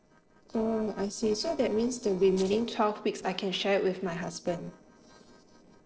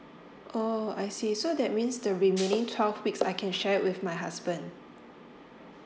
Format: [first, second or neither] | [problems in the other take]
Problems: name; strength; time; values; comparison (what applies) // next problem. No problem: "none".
second | noise reduction (neural separator model SepFormer DNS4)